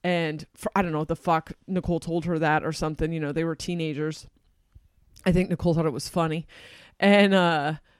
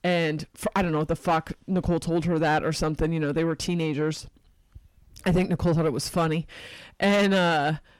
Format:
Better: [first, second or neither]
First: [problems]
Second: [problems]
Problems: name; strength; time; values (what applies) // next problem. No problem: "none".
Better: first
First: none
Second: distortion; heavy; 7 dB below the speech